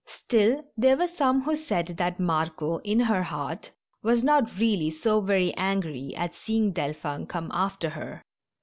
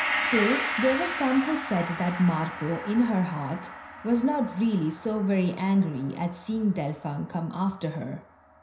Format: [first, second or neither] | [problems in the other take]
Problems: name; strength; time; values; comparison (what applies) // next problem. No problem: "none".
first | background sound (Gong); 8 dB below the speech // room echo; dies away in 0.5 s